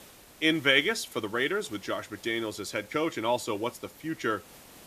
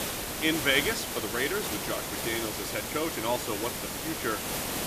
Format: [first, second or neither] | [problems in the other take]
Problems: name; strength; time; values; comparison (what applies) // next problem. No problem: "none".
first | hiss; loud; throughout; 1 dB below the speech; faint in the first